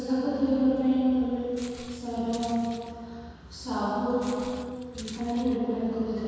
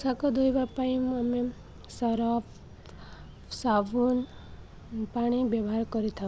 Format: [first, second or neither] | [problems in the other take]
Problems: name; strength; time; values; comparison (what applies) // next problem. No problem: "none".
second | background sound (Walk, footsteps); 19 dB below the speech // room echo; dies away in 2.1 s